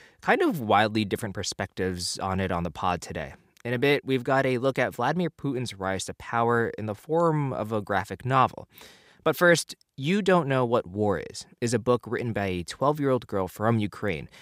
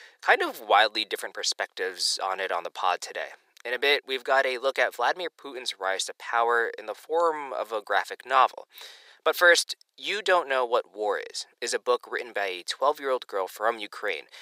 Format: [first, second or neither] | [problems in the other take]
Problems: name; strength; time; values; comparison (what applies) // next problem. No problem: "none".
first | thin; very; fading below 450 Hz